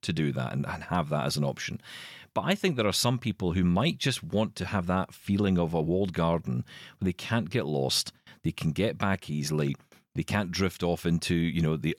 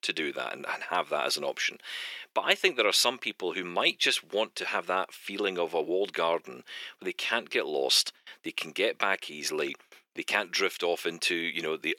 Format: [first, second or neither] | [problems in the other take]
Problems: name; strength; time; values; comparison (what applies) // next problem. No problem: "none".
first | thin; very; fading below 350 Hz